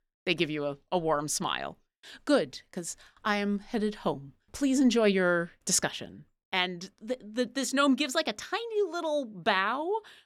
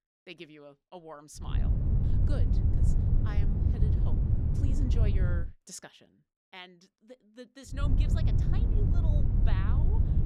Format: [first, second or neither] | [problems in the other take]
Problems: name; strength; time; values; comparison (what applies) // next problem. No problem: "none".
first | wind noise on the microphone; heavy; from 1.5 to 5.5 s and from 8 s on; 3 dB above the speech